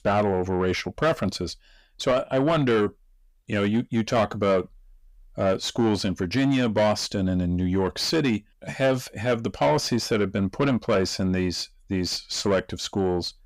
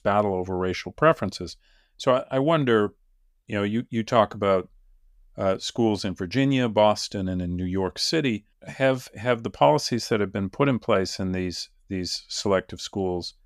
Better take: second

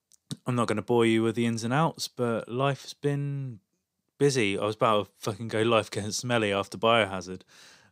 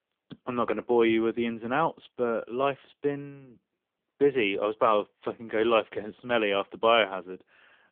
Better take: first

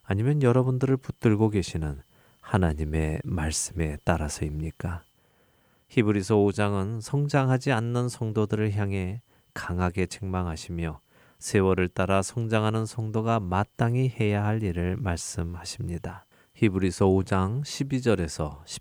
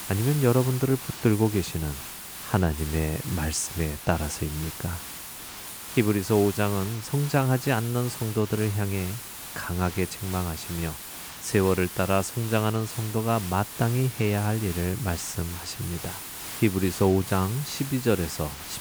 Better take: first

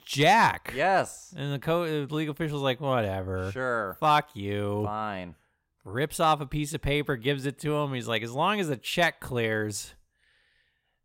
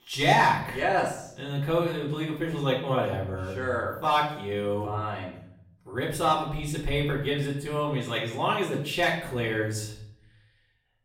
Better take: first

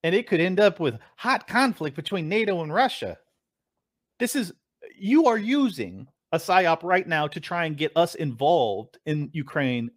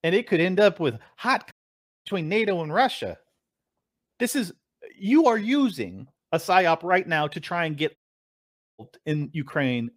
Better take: first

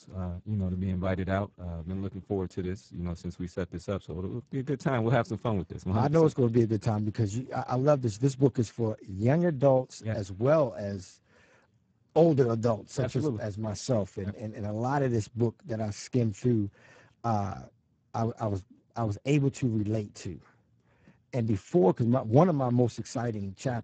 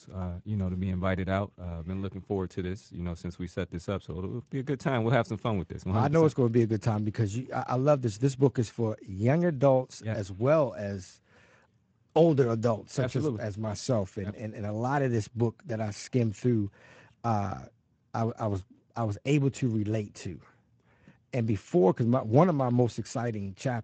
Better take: second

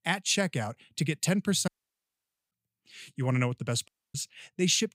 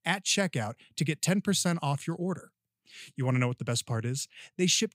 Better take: second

